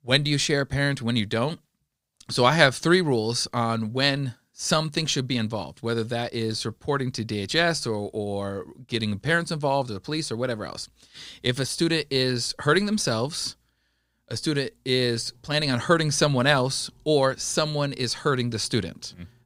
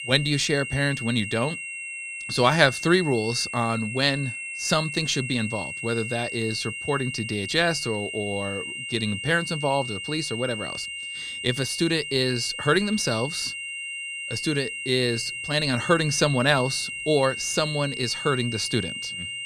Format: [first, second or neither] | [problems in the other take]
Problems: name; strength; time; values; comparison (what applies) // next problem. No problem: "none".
first | high-pitched whine; loud; throughout; 3 kHz, 6 dB below the speech